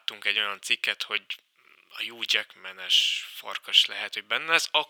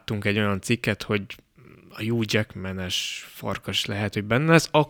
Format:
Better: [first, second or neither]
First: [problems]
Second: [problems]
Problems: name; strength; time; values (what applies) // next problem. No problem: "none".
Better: second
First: thin; very; fading below 950 Hz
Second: none